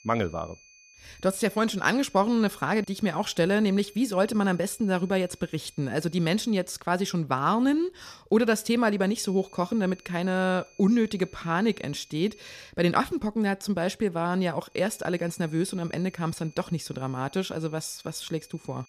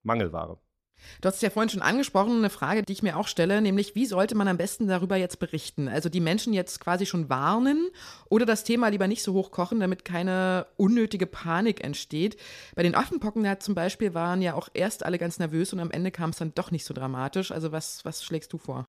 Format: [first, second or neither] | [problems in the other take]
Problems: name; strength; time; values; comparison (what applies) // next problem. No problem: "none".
second | high-pitched whine; faint; until 6.5 s, from 9 to 13 s and from 15 s on; 2.5 kHz, 25 dB below the speech